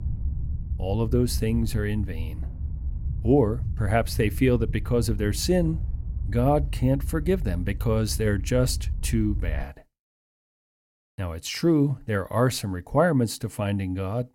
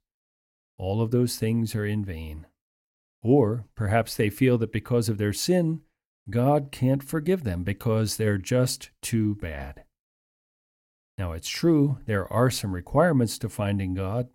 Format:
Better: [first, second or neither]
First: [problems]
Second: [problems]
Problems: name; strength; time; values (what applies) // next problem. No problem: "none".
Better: second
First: low rumble; faint; until 9.5 s; 20 dB below the speech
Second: none